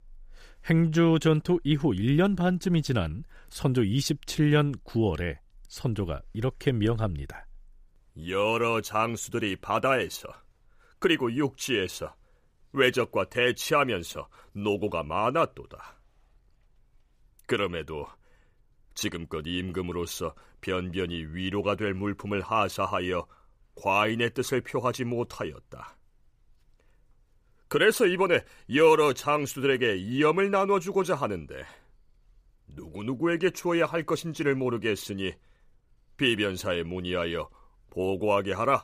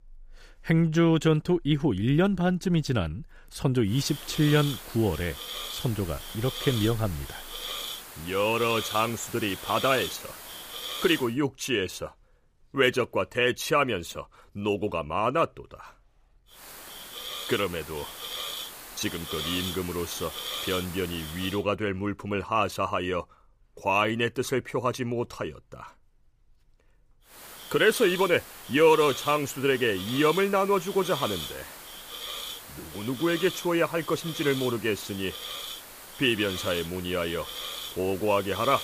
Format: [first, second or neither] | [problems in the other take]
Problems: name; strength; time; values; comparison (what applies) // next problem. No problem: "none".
first | hiss; loud; from 4 to 11 s, from 17 to 22 s and from 27 s on; 9 dB below the speech